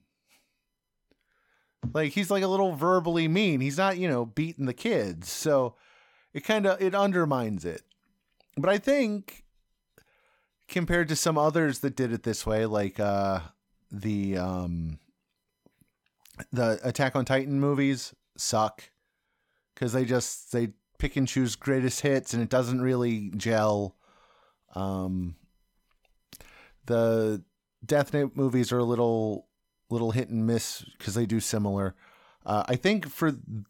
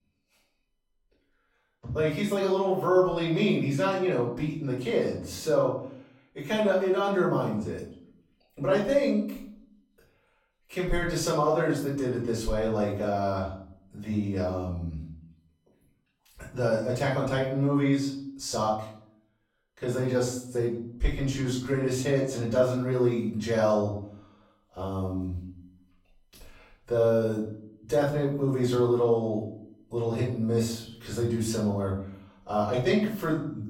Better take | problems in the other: first | off-mic speech; far // room echo; noticeable; dies away in 0.6 s

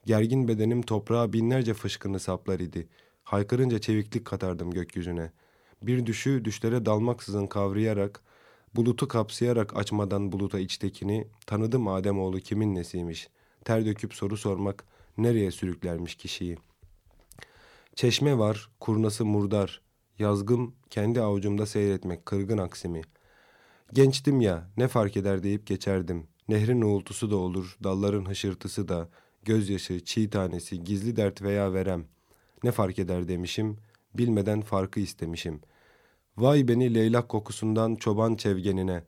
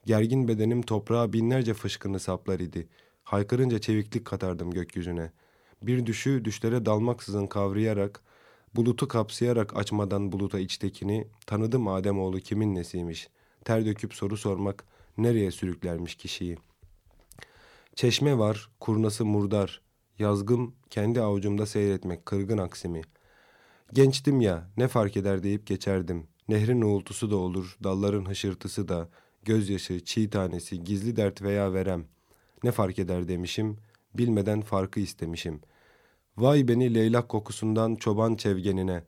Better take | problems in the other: neither | none

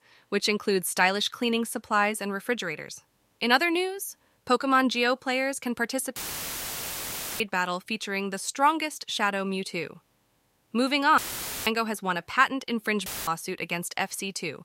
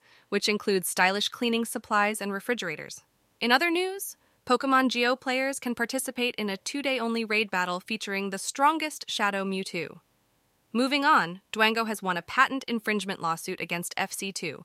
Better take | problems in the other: second | audio cutting out; filled with static; at 6 s for 1 s, at 11 s and at 13 s

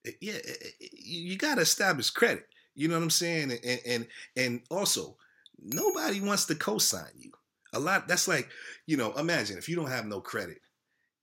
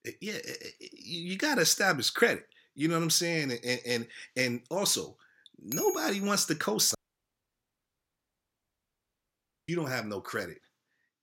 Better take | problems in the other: first | audio cutting out; at 7 s for 2.5 s

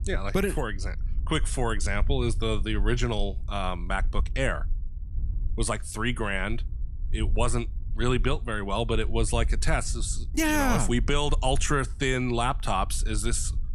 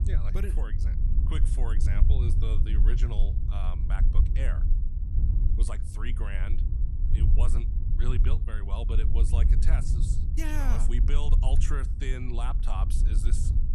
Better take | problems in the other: first | low rumble; loud; throughout; 5 dB below the speech; faint in the first

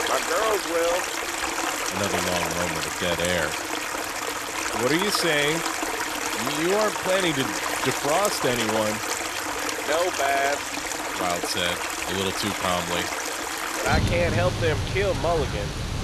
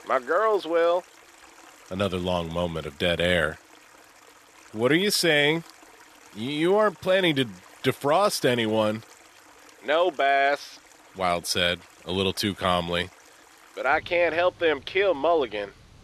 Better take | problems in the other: second | rain or running water; loud; throughout; as loud as the speech; faint in the second

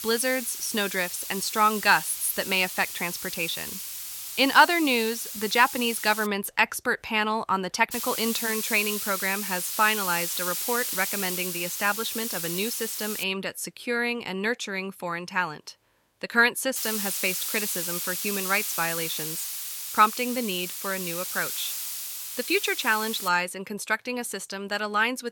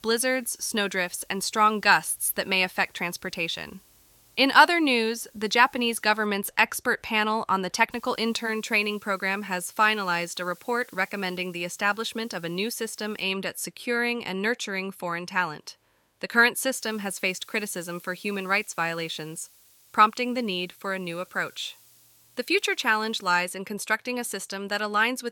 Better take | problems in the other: second | hiss; loud; until 6.5 s, from 8 to 13 s and from 17 to 23 s; 4 dB below the speech; faint in the second

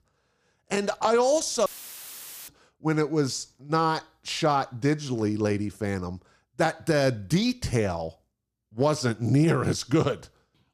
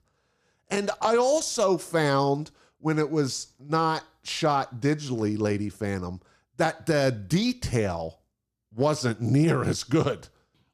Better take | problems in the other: second | audio cutting out; filled with static; at 1.5 s for 1 s

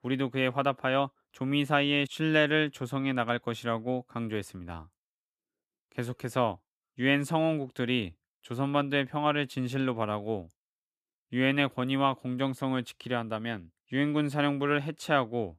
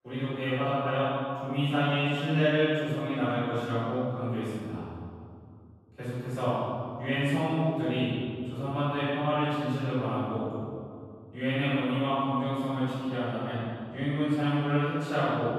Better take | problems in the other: first | off-mic speech; far // room echo; strong; dies away in 2.3 s

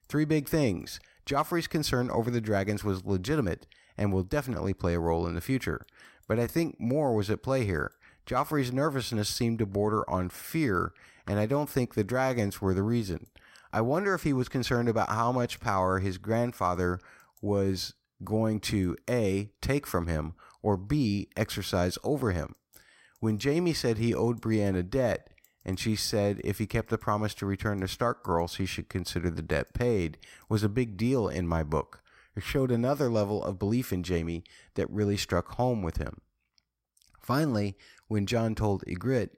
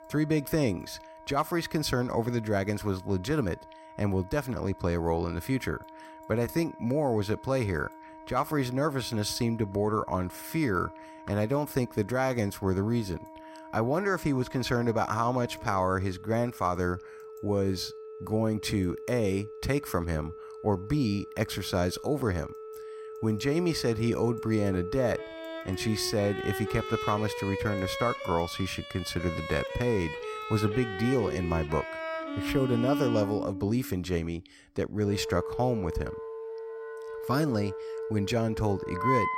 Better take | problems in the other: first | background music; loud; throughout; 9 dB below the speech

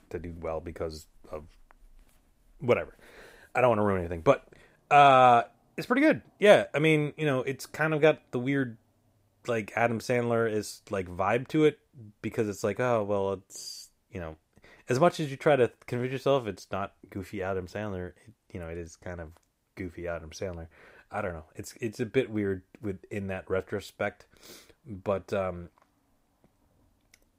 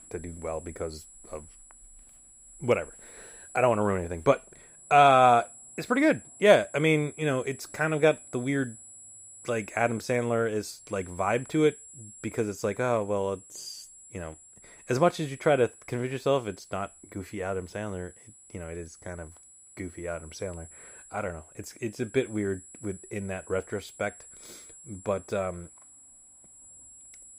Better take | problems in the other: first | high-pitched whine; faint; throughout; 7.5 kHz, 20 dB below the speech

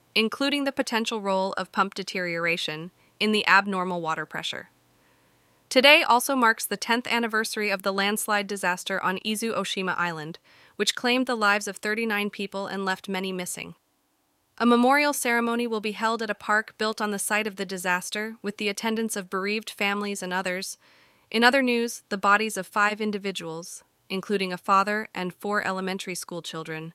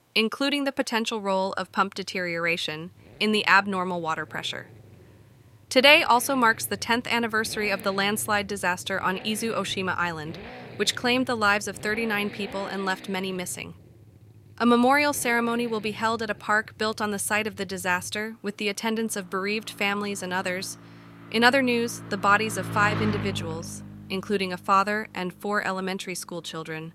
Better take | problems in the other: first | traffic noise; noticeable; throughout; 15 dB below the speech

